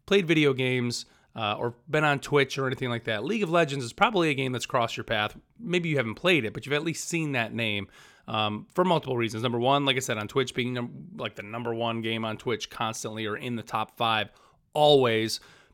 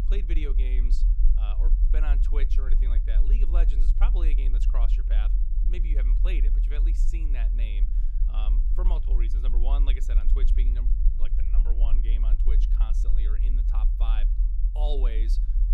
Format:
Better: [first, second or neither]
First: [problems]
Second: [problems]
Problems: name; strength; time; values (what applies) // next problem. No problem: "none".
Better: first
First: none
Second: low rumble; loud; throughout; 7 dB below the speech